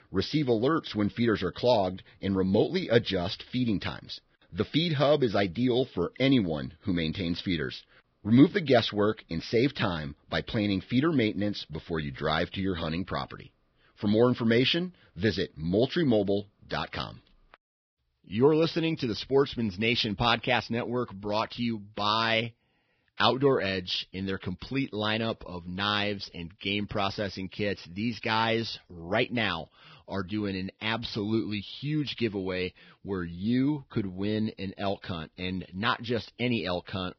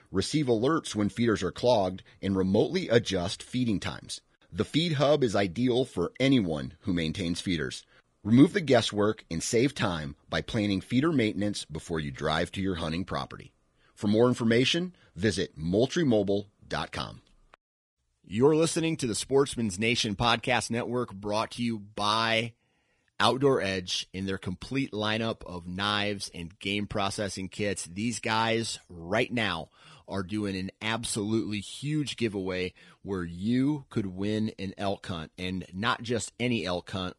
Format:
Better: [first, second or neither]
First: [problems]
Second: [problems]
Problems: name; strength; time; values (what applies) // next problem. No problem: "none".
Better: second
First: garbled, watery; badly; nothing above 5.5 kHz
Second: garbled, watery; slightly; nothing above 10.5 kHz